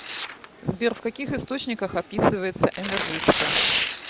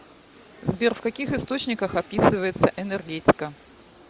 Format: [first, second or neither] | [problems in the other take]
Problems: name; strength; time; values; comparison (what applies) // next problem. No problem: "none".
second | background sound (Tearing); 4 dB below the speech